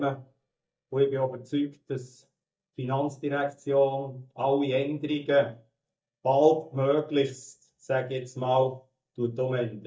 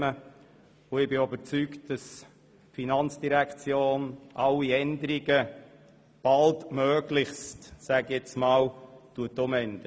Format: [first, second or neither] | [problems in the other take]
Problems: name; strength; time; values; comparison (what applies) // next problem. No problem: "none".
second | noise reduction (neural mask model DeepFilterNet 3)